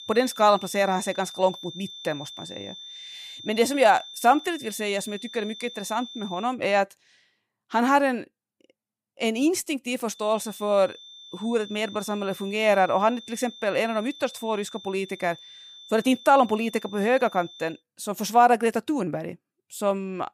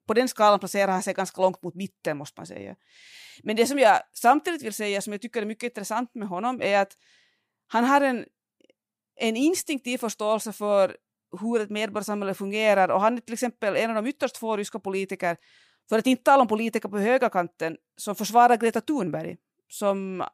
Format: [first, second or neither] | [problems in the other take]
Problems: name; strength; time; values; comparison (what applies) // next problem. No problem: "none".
second | high-pitched whine; noticeable; until 6.5 s and from 10 to 18 s; 3.5 kHz, 15 dB below the speech